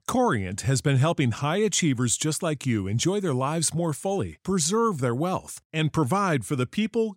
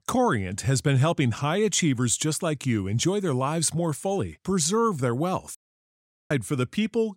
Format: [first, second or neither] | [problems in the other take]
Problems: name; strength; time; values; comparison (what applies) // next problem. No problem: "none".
first | audio cutting out; at 5.5 s for 1 s